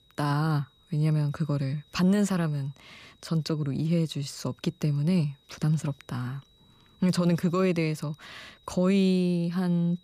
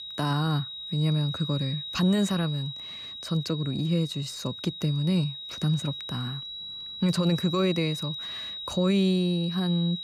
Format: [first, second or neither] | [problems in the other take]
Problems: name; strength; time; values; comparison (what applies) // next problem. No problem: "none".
first | high-pitched whine; loud; throughout; 4 kHz, 7 dB below the speech; faint in the first